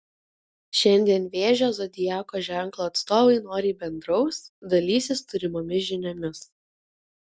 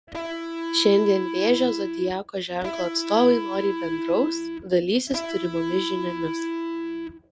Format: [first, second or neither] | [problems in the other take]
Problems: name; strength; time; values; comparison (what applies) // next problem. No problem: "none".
first | background sound (Electric guitar); 5 dB below the speech